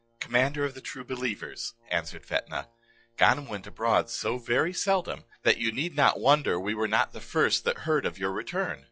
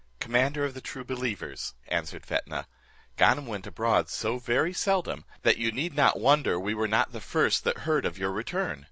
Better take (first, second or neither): second